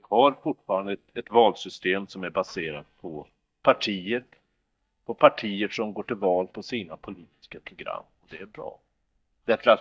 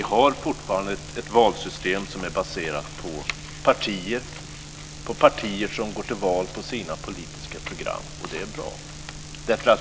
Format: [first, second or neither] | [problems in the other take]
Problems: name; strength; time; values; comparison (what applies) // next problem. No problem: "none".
second | noise reduction (neural mask model DeepFilterNet 3)